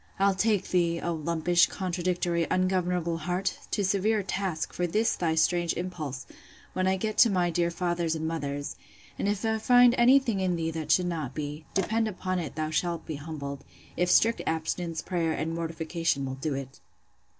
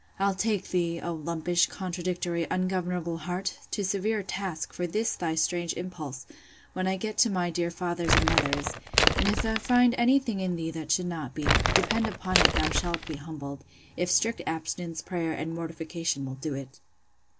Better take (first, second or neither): first